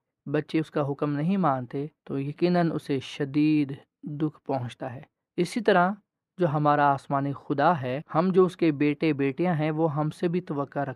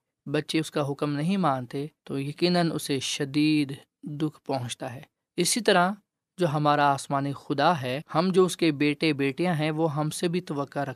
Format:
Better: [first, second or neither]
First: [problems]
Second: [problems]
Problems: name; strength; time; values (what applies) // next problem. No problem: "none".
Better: second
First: muffled; slightly; fading above 3.5 kHz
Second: none